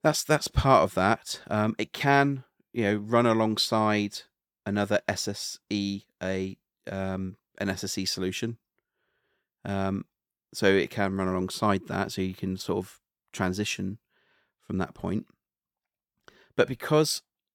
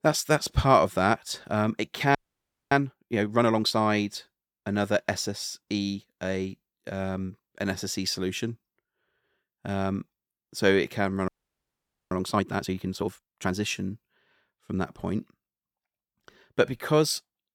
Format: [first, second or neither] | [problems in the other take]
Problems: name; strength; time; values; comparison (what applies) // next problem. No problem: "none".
first | audio freezing; at 2 s for 0.5 s and at 11 s for 1 s